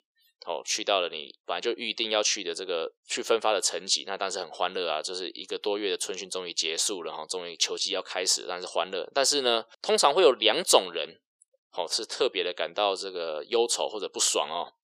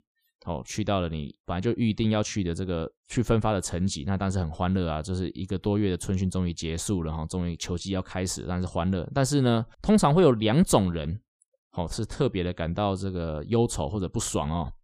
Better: second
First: thin; very; fading below 450 Hz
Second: none

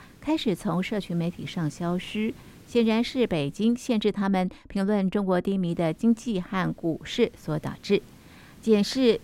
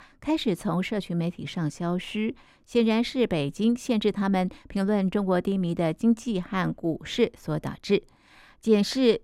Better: second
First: hiss; faint; until 4 s and from 5.5 s on; 25 dB below the speech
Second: none

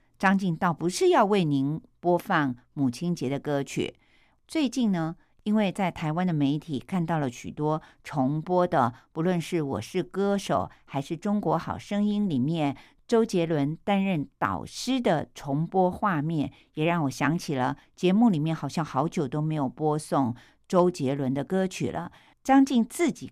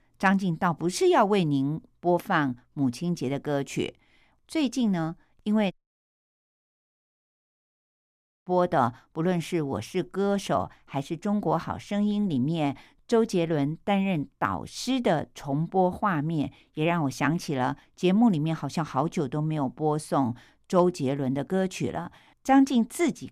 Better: first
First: none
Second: audio cutting out; at 5.5 s for 2.5 s

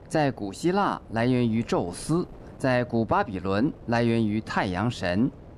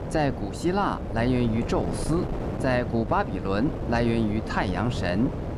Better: first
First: wind noise on the microphone; occasional gusts; 25 dB below the speech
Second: wind noise on the microphone; heavy; 8 dB below the speech

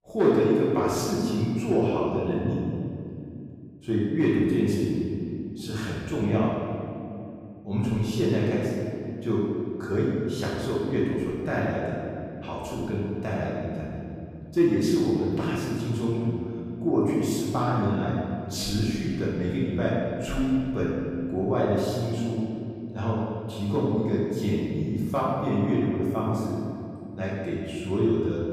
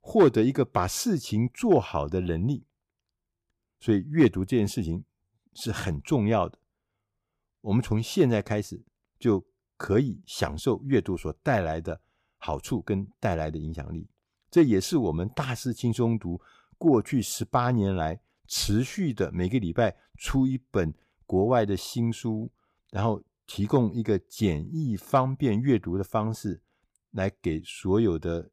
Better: second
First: room echo; strong; dies away in 2.4 s // off-mic speech; far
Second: none

